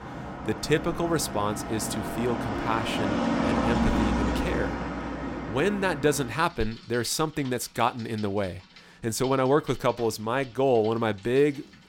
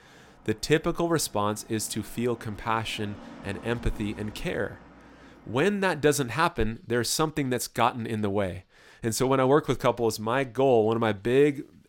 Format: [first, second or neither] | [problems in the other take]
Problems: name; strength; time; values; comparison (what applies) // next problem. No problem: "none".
second | traffic noise; loud; throughout; 2 dB below the speech; faint in the second